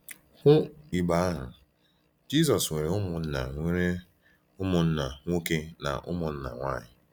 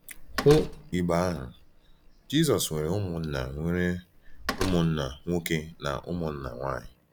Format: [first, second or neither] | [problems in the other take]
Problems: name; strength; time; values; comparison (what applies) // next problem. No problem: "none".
first | background sound (Slam); 10 dB below the speech